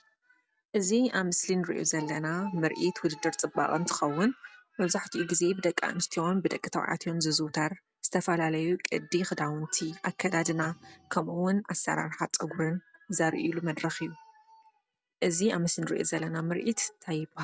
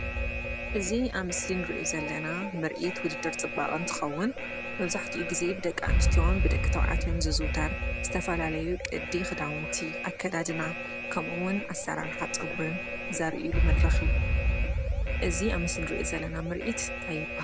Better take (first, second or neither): first